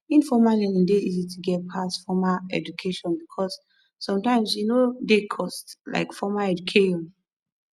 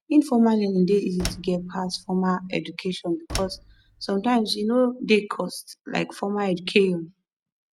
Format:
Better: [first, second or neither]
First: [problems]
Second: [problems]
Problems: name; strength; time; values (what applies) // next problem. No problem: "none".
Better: first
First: none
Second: background sound (Slam); 13 dB below the speech